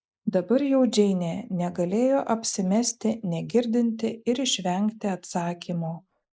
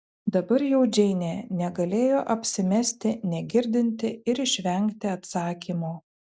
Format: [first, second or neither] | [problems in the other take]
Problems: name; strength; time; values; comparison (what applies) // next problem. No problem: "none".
second | noise reduction (neural mask model Resemble Enhance denoiser)